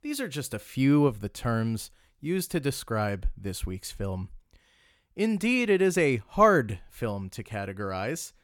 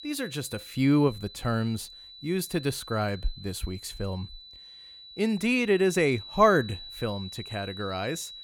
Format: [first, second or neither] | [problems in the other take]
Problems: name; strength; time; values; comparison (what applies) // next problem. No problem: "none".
first | high-pitched whine; noticeable; throughout; 4 kHz, 15 dB below the speech